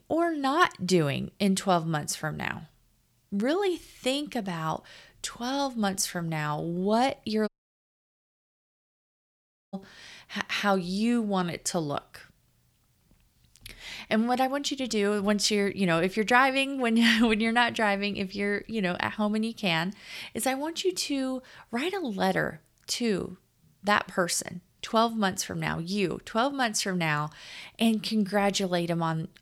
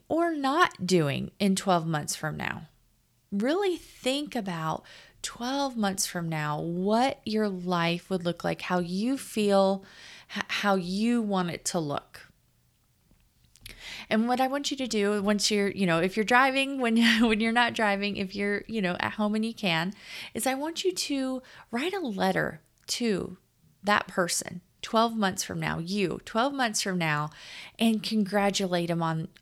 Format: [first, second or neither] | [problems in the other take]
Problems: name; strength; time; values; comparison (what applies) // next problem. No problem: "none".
second | audio cutting out; at 7.5 s for 2.5 s